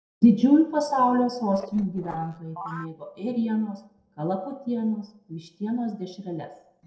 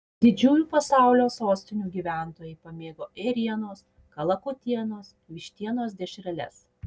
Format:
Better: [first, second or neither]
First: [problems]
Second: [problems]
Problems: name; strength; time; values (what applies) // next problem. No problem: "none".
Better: second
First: noise reduction (neural separator model SepFormer DNS4)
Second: none